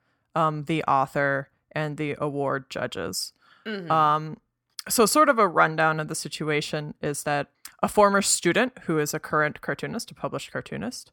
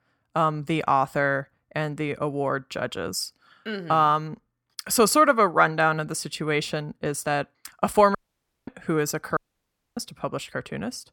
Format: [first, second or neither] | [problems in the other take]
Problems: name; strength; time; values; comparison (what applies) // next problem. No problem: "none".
first | audio cutting out; at 8 s for 0.5 s and at 9.5 s for 0.5 s